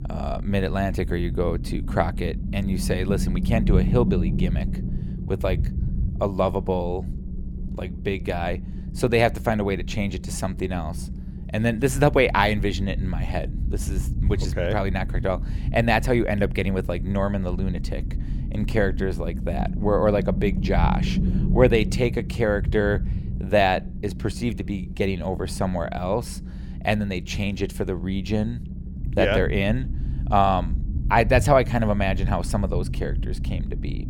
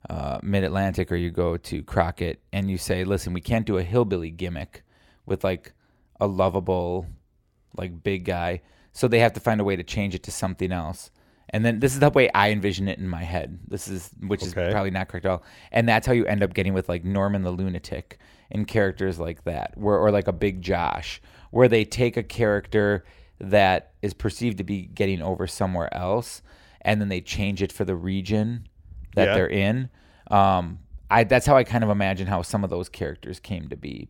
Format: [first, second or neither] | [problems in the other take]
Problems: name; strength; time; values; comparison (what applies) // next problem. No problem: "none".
second | low rumble; noticeable; throughout; 15 dB below the speech